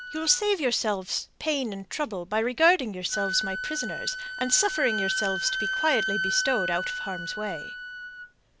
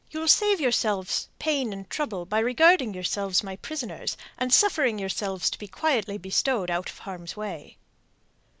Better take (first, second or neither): second